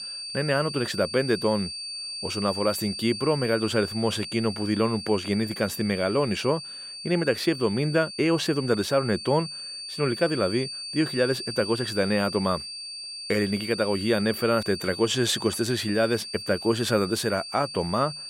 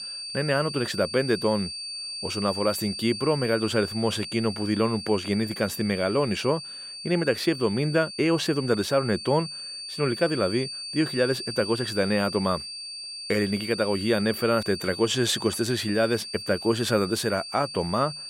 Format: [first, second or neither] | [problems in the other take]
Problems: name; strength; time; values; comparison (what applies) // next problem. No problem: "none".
neither | high-pitched whine; loud; throughout; 4.5 kHz, 8 dB below the speech; the same in both